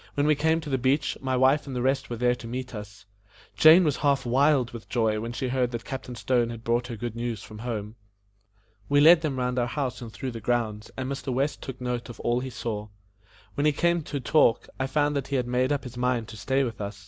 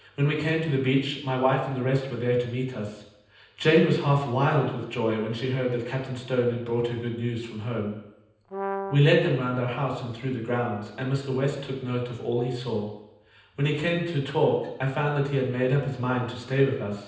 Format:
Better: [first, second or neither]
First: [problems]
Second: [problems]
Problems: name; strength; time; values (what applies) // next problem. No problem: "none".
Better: first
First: none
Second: background sound (Brass instrument); 7 dB below the speech // room echo; dies away in 0.9 s